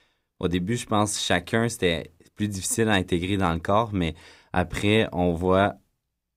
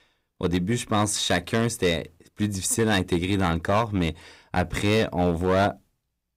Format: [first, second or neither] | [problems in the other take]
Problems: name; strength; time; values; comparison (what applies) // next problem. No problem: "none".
first | distortion; slight; 5% of the sound clipped